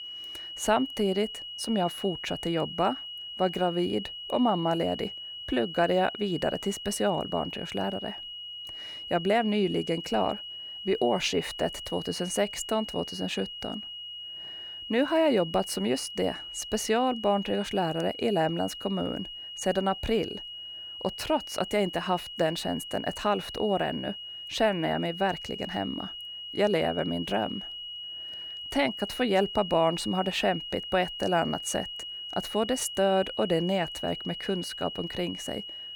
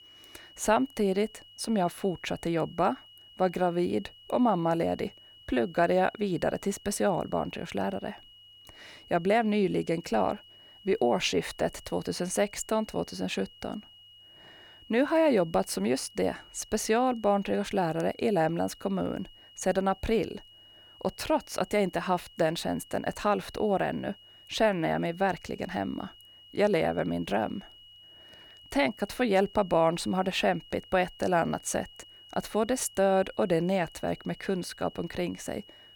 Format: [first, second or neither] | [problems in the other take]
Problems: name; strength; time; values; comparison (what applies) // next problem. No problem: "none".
second | high-pitched whine; loud; throughout; 3 kHz, 8 dB below the speech; faint in the second